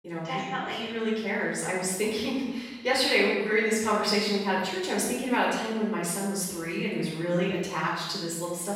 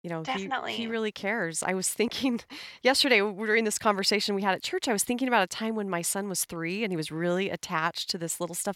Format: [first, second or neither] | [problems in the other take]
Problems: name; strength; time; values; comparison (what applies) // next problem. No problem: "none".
second | off-mic speech; far // room echo; noticeable; dies away in 1 s